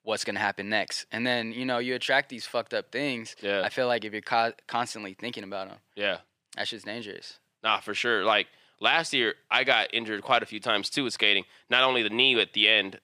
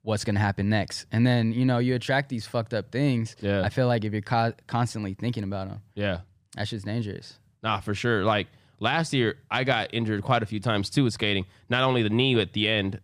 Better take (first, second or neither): second